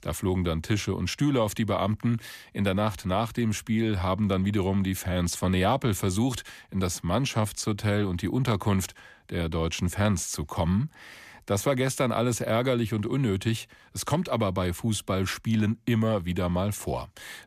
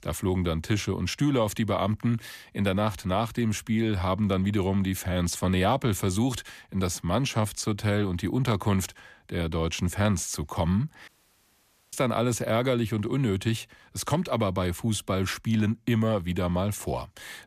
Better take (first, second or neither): first